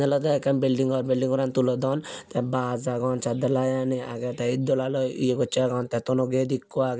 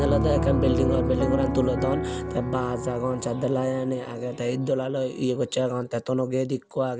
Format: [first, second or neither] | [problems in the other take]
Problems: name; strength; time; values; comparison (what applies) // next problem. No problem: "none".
first | background sound (Piano); 3 dB below the speech